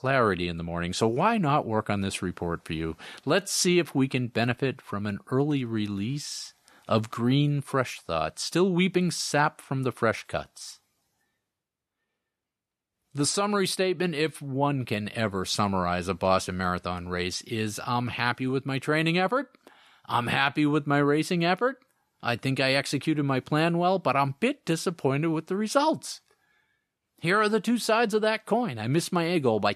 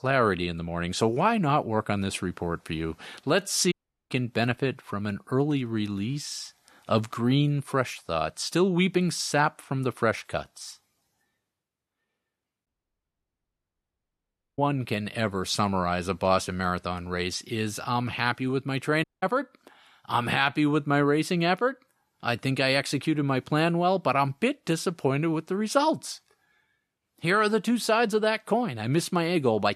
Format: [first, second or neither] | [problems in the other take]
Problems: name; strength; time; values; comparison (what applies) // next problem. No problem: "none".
first | audio cutting out; at 3.5 s, at 13 s for 2 s and at 19 s